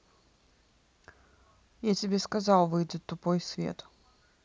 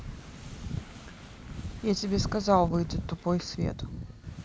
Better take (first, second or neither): first